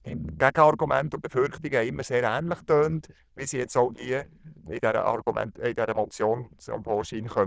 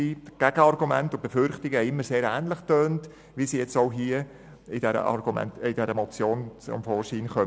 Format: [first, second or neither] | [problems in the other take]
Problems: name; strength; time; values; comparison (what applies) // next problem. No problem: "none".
second | noise reduction (neural diffusion model UNIVERSE++)